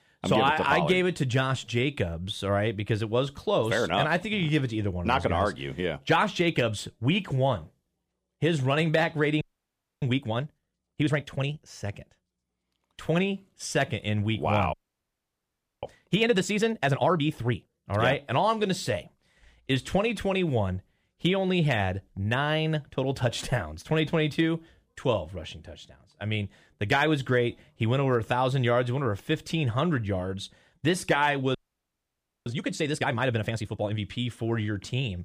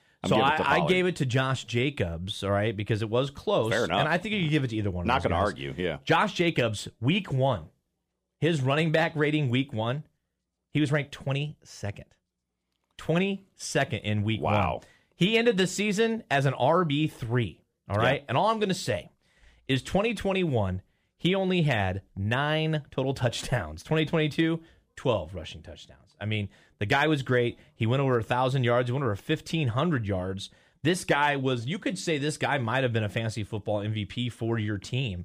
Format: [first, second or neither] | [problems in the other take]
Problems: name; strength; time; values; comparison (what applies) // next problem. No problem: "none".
second | audio freezing; at 9.5 s for 0.5 s, at 15 s for 1 s and at 32 s for 1 s